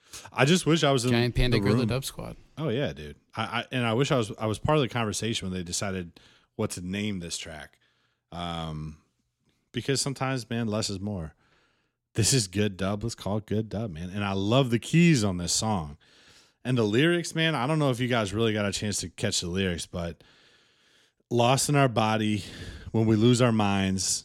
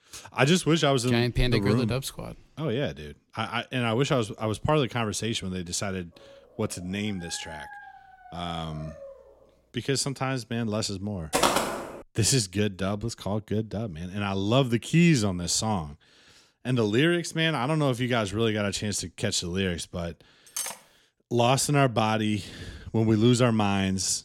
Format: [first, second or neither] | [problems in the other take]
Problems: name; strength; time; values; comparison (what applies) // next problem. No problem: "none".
first | dog barking; faint; from 6 to 9.5 s; peak 15 dB below the speech // footsteps; loud; at 11 s; peak 3 dB above the speech // clattering dishes; noticeable; at 21 s; peak 6 dB below the speech